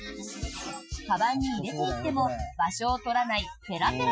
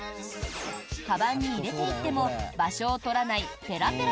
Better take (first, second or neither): second